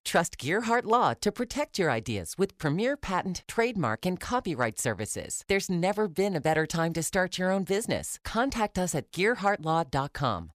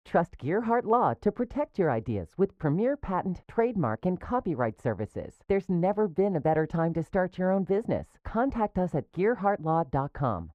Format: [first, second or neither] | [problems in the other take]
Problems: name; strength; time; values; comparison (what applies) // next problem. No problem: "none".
first | muffled; very; fading above 2.5 kHz